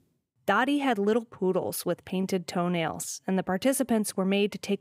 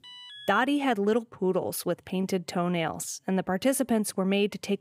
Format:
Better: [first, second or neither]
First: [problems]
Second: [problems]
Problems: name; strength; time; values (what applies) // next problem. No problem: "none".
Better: first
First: none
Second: alarm; faint; at the start; peak 15 dB below the speech